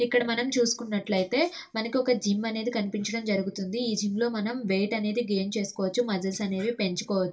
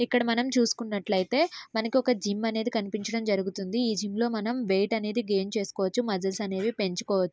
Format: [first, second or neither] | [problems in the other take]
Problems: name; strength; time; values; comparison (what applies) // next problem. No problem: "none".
second | room echo; dies away in 0.2 s